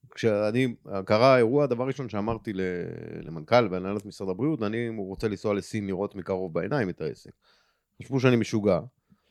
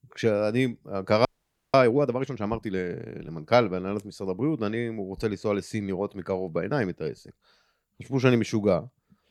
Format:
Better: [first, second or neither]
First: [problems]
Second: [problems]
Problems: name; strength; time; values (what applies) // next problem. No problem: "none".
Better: first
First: none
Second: audio freezing; at 1.5 s